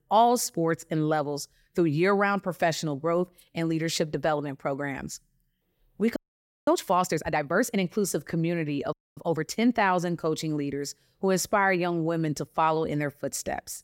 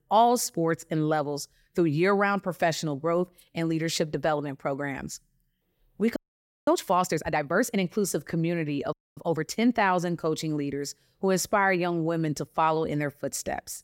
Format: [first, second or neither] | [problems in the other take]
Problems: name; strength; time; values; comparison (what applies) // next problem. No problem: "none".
neither | audio freezing; at 6 s for 0.5 s and at 9 s; the same in both